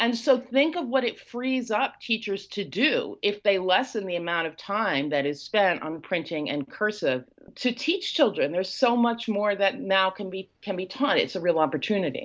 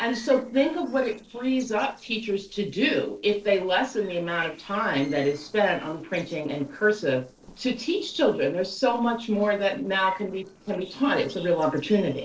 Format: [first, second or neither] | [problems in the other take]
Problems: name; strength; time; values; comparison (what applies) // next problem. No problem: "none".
first | noise reduction (neural separator model SepFormer DNS4)